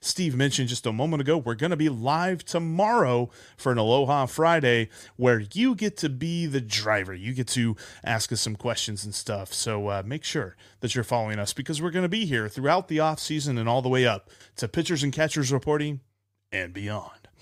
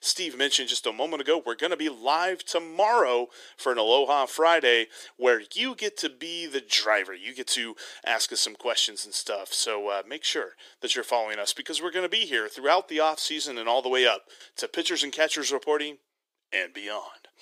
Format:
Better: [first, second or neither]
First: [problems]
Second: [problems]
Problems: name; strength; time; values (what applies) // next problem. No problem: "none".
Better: first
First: none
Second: thin; very; fading below 350 Hz